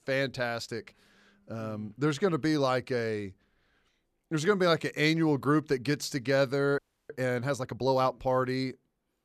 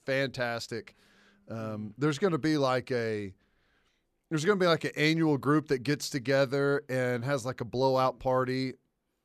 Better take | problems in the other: second | audio freezing; at 7 s

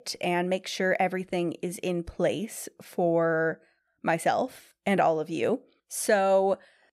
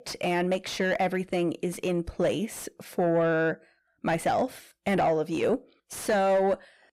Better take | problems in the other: first | distortion; slight; 10 dB below the speech

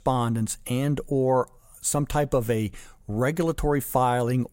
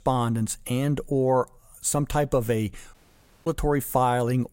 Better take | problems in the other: first | audio cutting out; at 3 s for 0.5 s

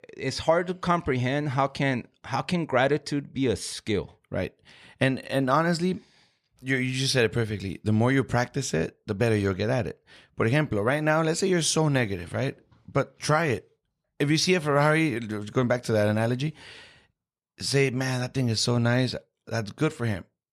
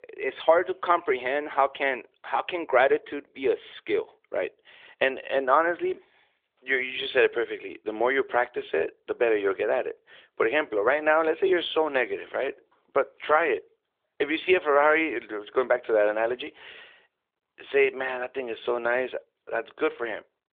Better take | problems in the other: first | phone-call audio

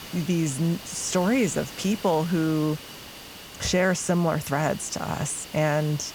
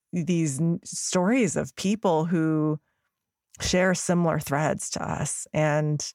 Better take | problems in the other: second | hiss; noticeable; throughout; 15 dB below the speech

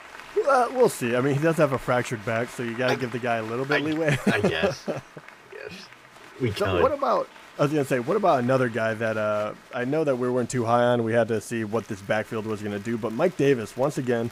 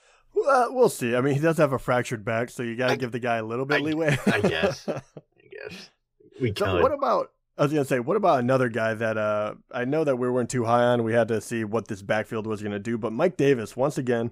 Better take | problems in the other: second | crowd noise; noticeable; throughout; 20 dB below the speech

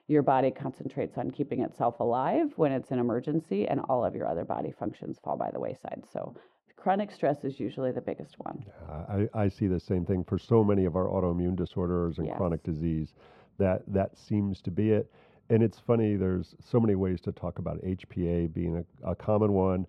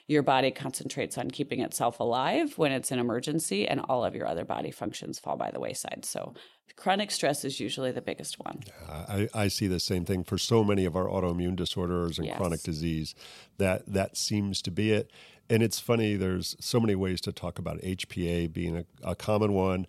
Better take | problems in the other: second | muffled; very; fading above 3 kHz

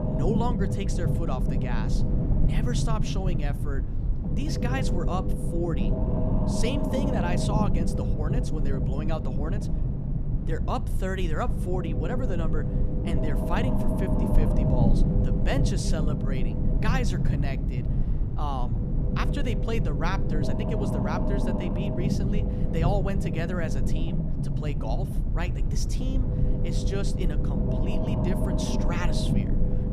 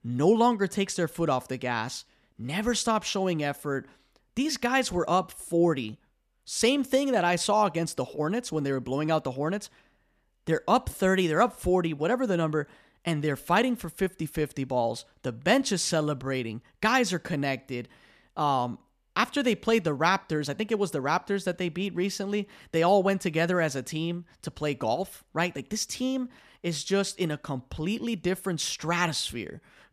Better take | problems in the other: second | low rumble; loud; throughout; 1 dB below the speech

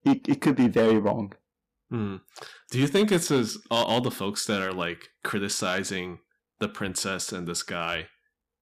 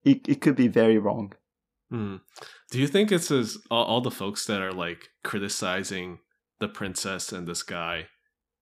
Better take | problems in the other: second | distortion; slight; 3% of the sound clipped

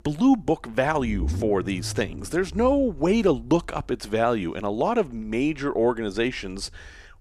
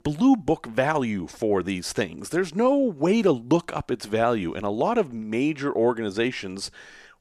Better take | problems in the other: second | low rumble; faint; throughout; 20 dB below the speech

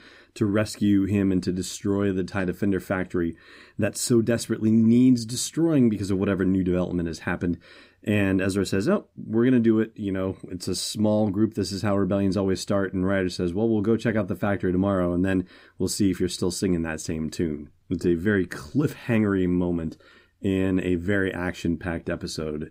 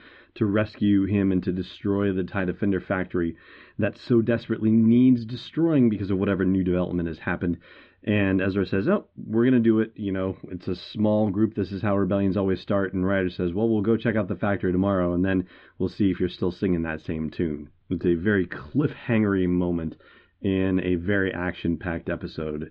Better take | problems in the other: first | muffled; very; fading above 3.5 kHz

